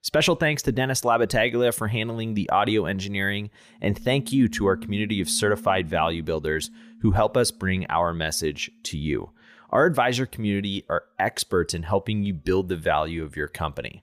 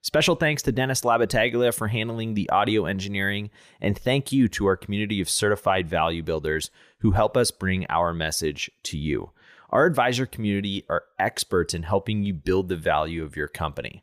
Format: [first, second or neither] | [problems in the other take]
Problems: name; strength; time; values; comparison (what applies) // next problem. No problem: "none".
second | background music; noticeable; from 4.5 s on; 15 dB below the speech